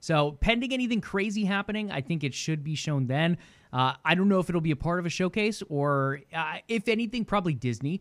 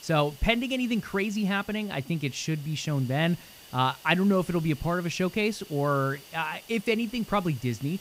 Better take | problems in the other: first | hiss; noticeable; throughout; 20 dB below the speech

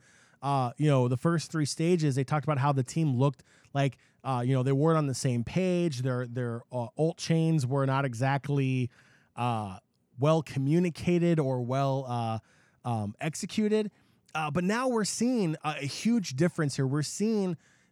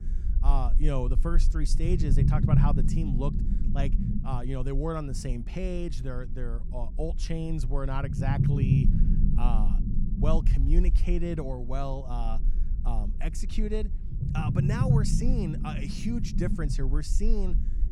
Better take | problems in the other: first | low rumble; loud; throughout; 3 dB below the speech

